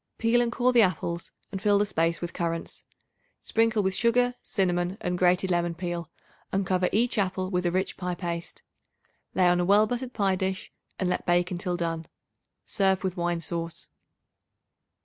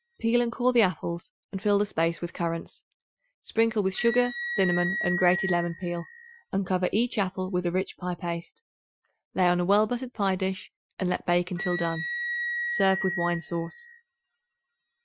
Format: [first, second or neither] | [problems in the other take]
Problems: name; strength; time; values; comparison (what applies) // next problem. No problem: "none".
first | noise reduction (classical method Wiener filter)